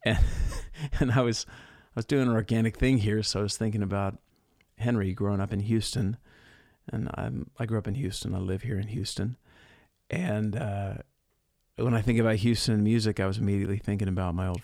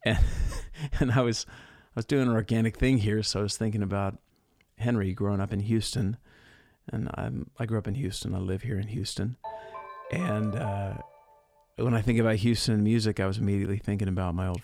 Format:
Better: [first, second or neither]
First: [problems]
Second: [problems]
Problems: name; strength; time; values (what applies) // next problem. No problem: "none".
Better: first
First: none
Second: phone ringing; faint; from 9.5 to 11 s; peak 10 dB below the speech